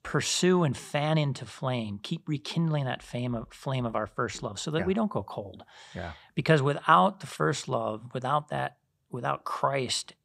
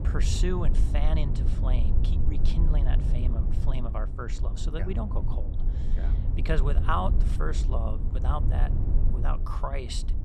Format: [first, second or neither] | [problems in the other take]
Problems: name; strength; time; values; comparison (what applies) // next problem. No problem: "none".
first | low rumble; loud; throughout; 8 dB below the speech